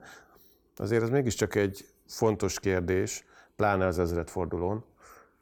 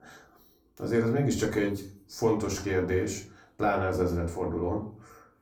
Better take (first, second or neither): first